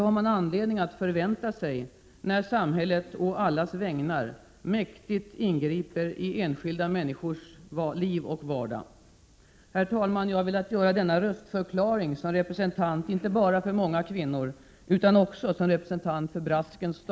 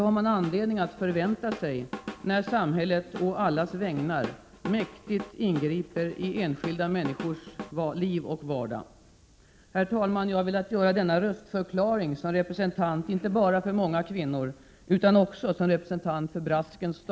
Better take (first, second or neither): first